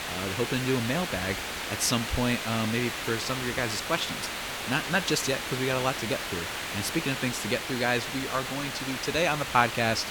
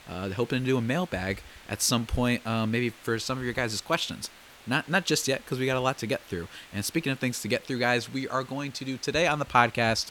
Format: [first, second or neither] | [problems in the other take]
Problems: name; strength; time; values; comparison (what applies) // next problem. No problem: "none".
second | hiss; loud; throughout; 3 dB below the speech; faint in the second